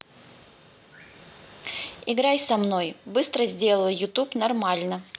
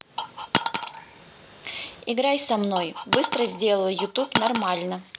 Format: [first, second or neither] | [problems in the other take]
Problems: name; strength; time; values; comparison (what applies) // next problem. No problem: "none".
first | background sound (Coin (dropping)); 3 dB below the speech